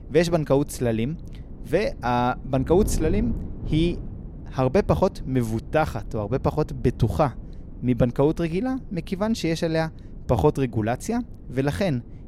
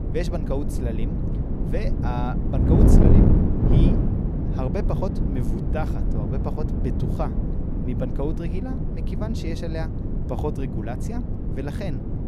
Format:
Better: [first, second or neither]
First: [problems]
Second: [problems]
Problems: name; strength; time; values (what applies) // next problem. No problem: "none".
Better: first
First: wind noise on the microphone; occasional gusts; 20 dB below the speech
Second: wind noise on the microphone; heavy; 1 dB above the speech